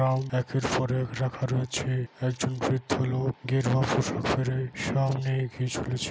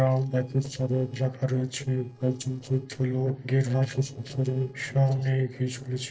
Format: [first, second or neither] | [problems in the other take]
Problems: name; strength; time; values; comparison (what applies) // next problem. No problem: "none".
first | noise reduction (neural separator model SepFormer DNS4)